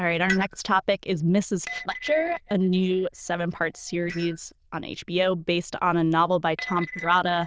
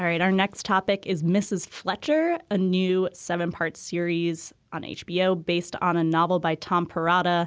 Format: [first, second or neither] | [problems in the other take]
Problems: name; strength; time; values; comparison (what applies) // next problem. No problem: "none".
second | noise reduction (neural diffusion model UNIVERSE++)